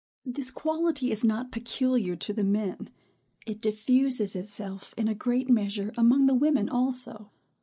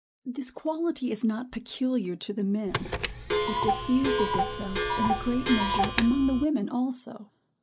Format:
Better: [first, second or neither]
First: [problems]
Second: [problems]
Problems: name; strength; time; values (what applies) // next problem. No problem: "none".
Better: first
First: none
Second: background sound (Clock); as loud as the speech